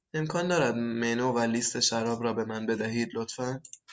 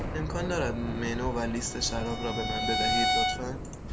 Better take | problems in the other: first | background sound (Bowed string instrument + Thunder / Rain); 2 dB above the speech

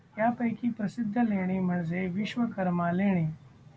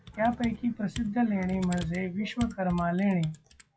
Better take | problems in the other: first | noise reduction (classical method log-MMSE)

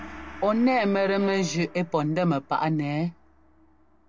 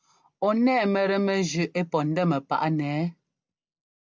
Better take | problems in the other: second | background sound (Gong + Bowed string instrument); 17 dB below the speech

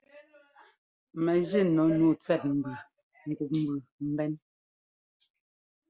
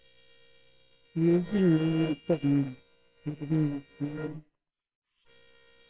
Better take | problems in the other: first | noise reduction (neural separator model SepFormer WHAMR!)

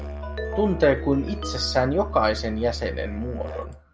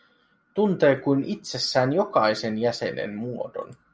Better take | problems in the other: second | background sound (Musical instrument + Ringtone); 7 dB below the speech

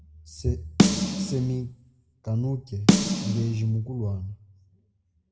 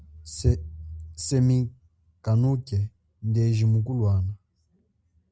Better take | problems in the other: second | background sound (Snare drum); 4 dB above the speech // room echo; dies away in 0.4 s

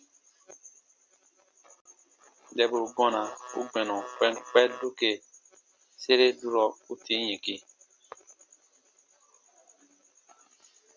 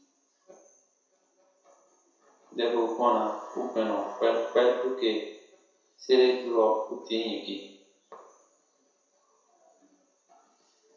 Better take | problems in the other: first | room echo; dies away in 0.7 s

